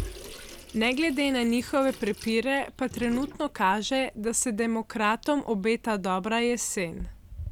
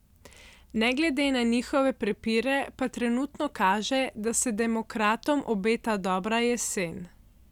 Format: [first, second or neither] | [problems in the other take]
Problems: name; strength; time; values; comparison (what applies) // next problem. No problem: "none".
second | background sound (Sink (filling or washing) / Water tap, faucet); 16 dB below the speech